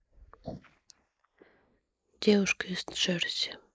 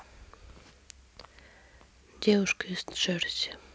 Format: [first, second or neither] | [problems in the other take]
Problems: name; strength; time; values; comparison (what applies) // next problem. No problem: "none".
second | noise reduction (neural mask model Resemble Enhance denoiser)